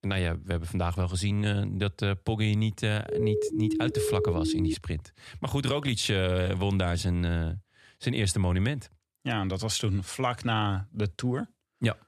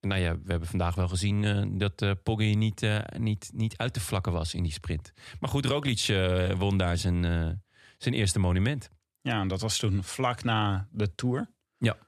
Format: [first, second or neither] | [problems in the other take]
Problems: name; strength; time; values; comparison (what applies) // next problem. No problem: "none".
second | siren; loud; from 3 to 5 s; peak 1 dB above the speech